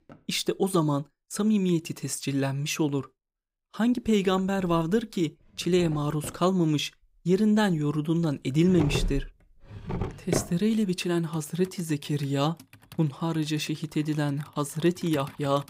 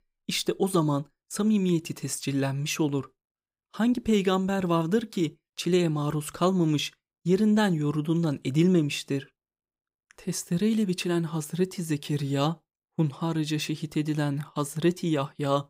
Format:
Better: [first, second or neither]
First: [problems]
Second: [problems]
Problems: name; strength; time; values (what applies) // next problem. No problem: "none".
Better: second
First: household noises; loud; throughout; 9 dB below the speech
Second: none